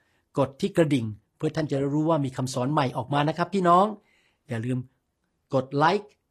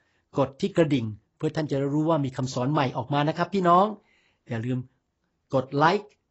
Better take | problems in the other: first | garbled, watery; badly; nothing above 8 kHz; slightly in the first

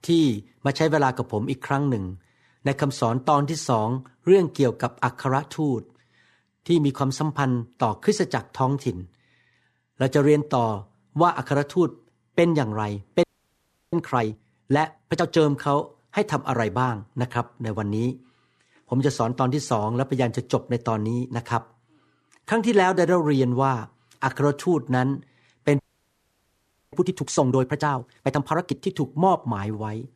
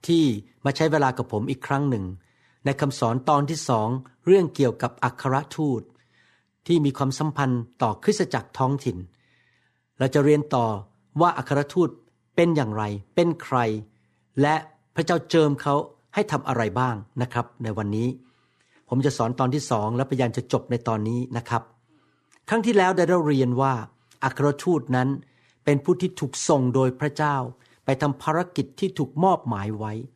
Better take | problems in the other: second | audio freezing; at 13 s for 0.5 s and at 26 s for 1 s

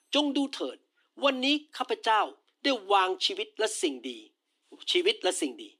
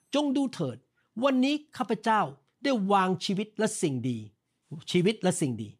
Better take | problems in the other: second | thin; very slightly; fading below 300 Hz

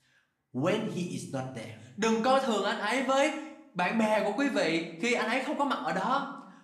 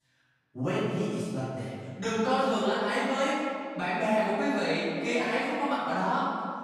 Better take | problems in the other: first | room echo; strong; dies away in 1.9 s; slight in the first // off-mic speech; far; somewhat distant in the first

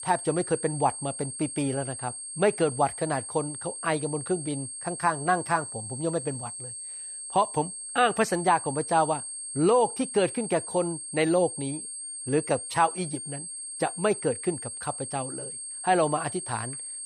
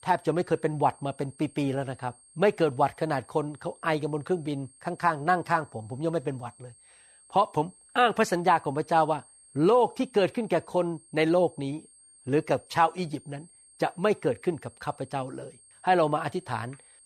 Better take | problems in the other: second | high-pitched whine; loud; throughout; 8.5 kHz, 7 dB below the speech; faint in the second

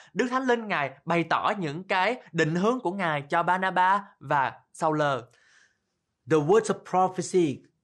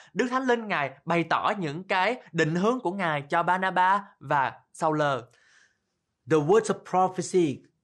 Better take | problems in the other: neither | none

